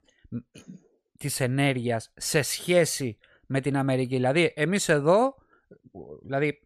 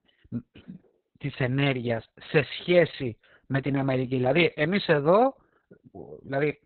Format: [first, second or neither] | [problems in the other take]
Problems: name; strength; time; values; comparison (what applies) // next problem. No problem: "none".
first | garbled, watery; badly; nothing above 4 kHz